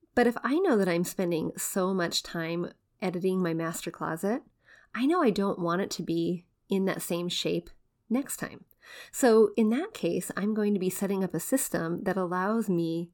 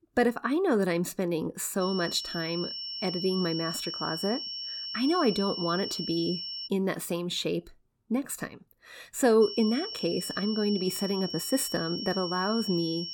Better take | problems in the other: first | high-pitched whine; loud; from 2 to 6.5 s and from 9.5 s on; 5.5 kHz, 5 dB below the speech

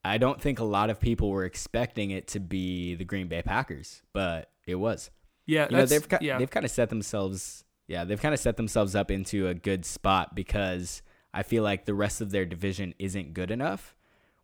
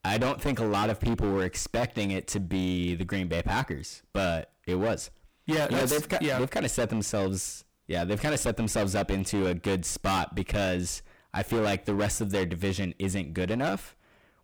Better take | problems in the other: first | distortion; heavy; 18% of the sound clipped

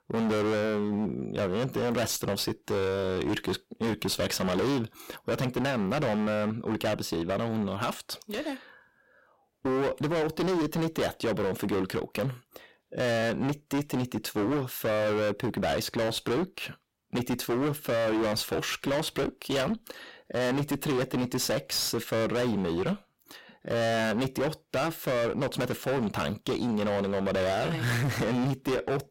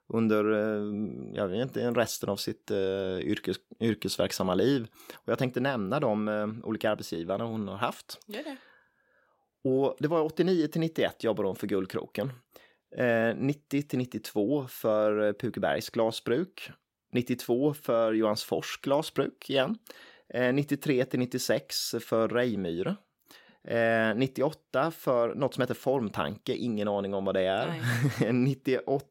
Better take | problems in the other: second | distortion; heavy; 28% of the sound clipped

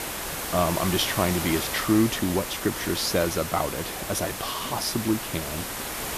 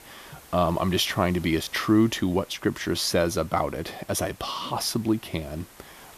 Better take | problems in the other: second | hiss; loud; throughout; 4 dB below the speech; faint in the second

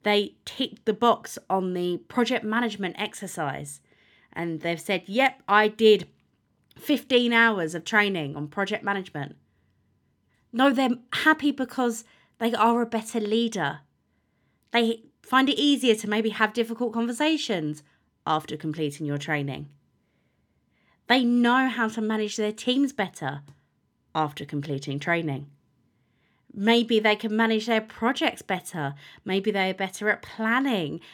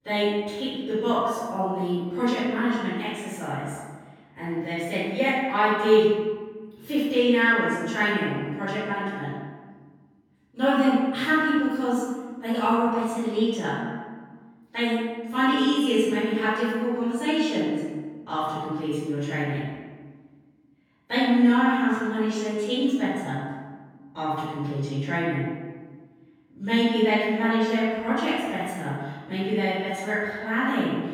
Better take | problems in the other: first | off-mic speech; far // room echo; strong; dies away in 1.2 s

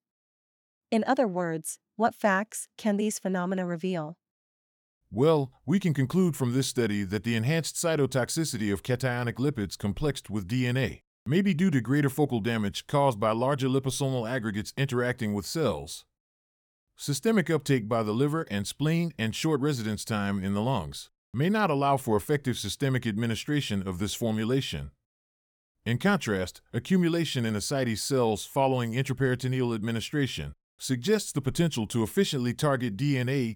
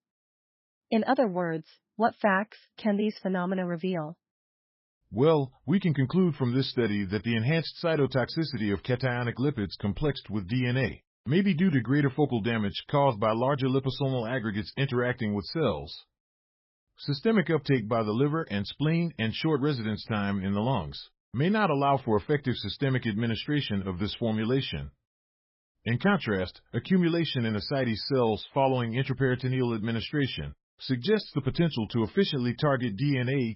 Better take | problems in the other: first | garbled, watery; badly; nothing above 5.5 kHz

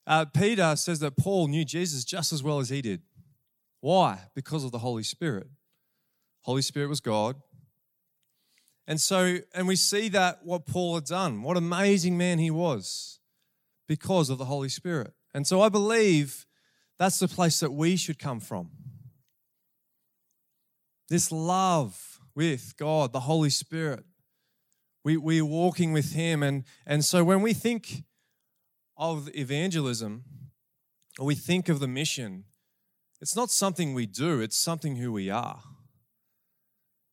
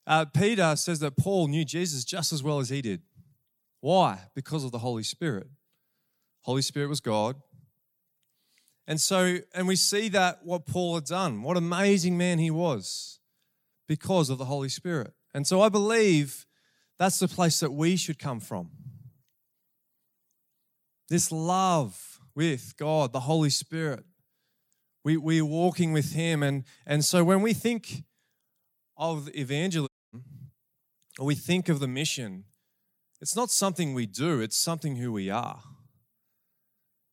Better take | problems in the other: first | audio cutting out; at 30 s

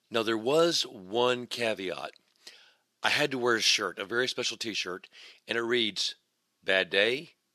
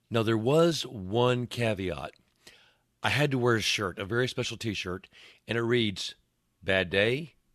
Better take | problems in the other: second | thin; somewhat; fading below 300 Hz

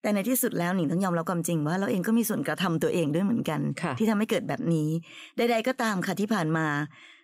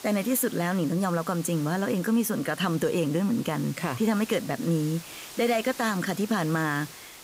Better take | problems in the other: first | hiss; noticeable; throughout; 15 dB below the speech

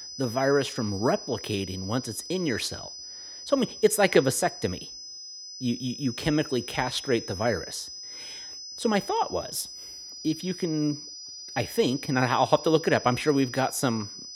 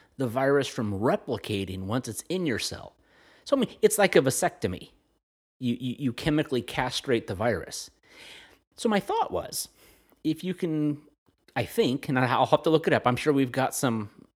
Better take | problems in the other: second | high-pitched whine; noticeable; throughout; 5 kHz, 10 dB below the speech

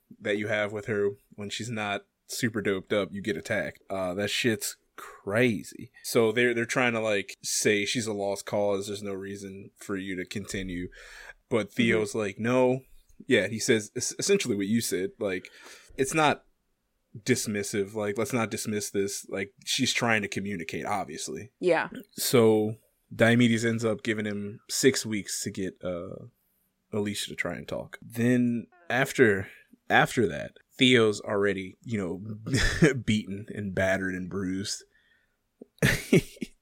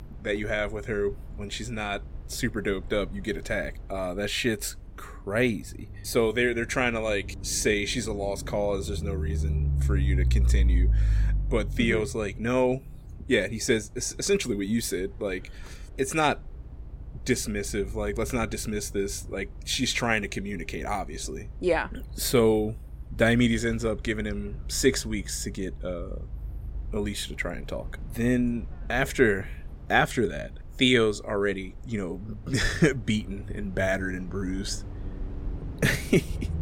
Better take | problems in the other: first | low rumble; faint; throughout; 20 dB below the speech

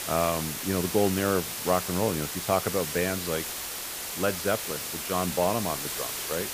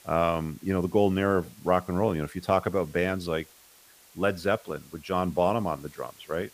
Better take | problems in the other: second | hiss; loud; throughout; 3 dB below the speech; faint in the second

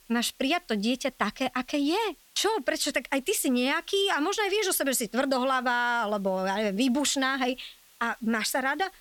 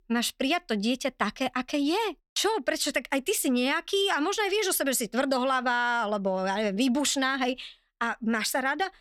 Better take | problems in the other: second | hiss; faint; throughout; 30 dB below the speech

